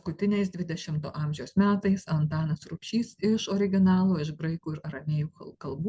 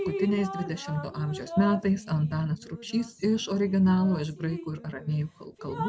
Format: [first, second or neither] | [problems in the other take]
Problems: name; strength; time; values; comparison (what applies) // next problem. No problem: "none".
first | background sound (Drip); 11 dB below the speech